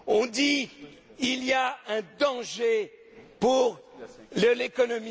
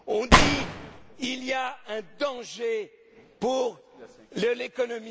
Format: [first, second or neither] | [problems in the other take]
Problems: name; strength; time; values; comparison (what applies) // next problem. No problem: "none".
first | background sound (Gunshot, gunfire); 5 dB above the speech